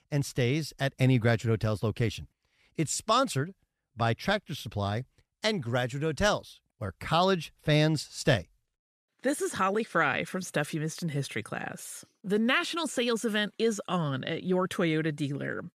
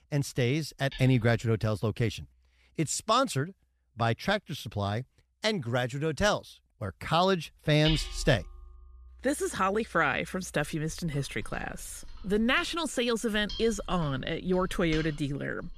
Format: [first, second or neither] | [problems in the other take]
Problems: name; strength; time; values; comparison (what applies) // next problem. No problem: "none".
first | machinery noise; noticeable; throughout; 15 dB below the speech